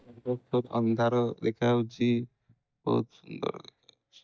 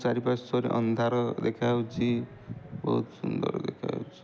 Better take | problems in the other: second | noise reduction (neural mask model DeepFilterNet 3)

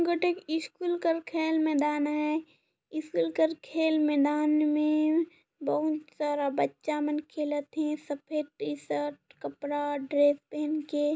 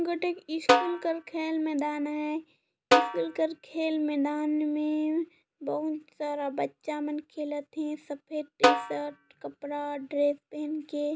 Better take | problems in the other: first | background sound (Snare drum); 3 dB above the speech

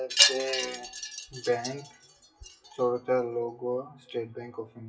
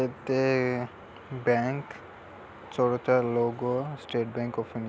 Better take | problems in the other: second | noise reduction (classical method WPE with log-MMSE)

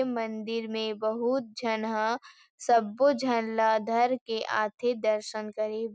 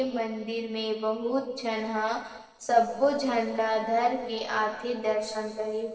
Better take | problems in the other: first | noise reduction (neural separator model SepFormer DNS4)

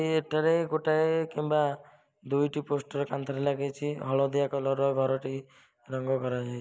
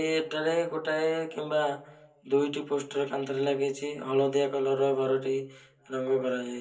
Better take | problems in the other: first | room echo; dies away in 0.3 s

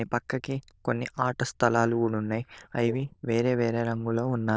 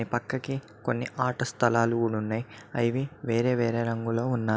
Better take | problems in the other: second | noise reduction (neural diffusion model UNIVERSE++)

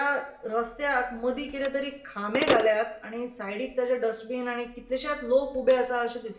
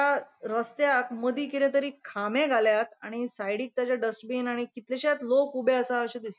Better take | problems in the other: second | background sound (Telephone); 10 dB below the speech // room echo; dies away in 1 s

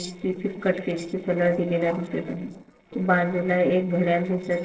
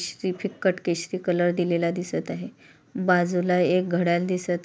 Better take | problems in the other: second | noise reduction (neural separator model SepFormer DNS4)

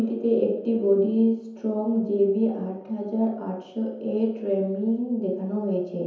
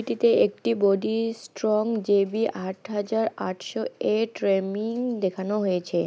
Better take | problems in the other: second | room echo; dies away in 0.9 s

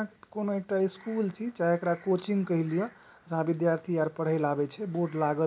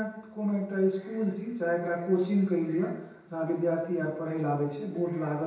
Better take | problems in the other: first | room echo; dies away in 0.9 s

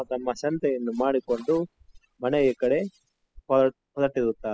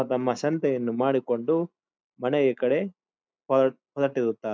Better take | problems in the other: second | noise reduction (classical method spectral subtraction)

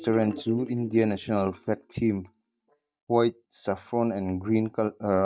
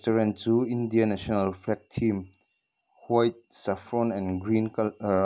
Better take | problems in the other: second | noise reduction (neural mask model DeepFilterNet 3)

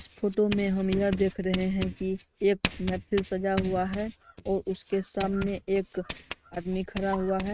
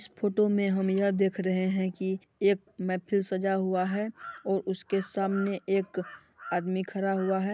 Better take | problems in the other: second | noise reduction (neural mask model RNNoise)

